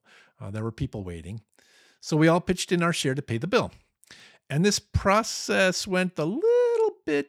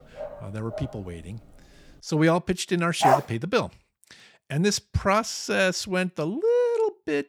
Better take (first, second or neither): first